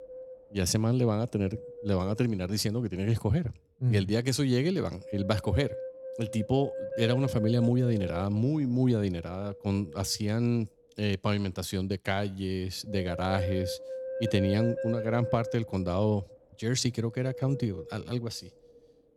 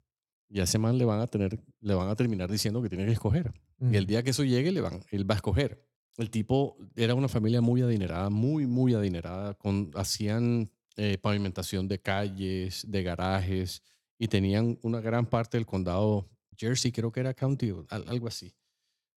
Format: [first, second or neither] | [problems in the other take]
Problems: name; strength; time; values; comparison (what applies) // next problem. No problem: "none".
second | wind noise on the microphone; heavy; 5 dB below the speech